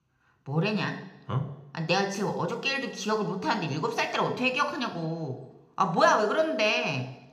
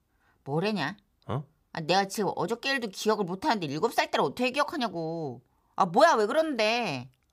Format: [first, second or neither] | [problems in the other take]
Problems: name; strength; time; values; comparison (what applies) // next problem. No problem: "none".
second | room echo; slight; dies away in 0.8 s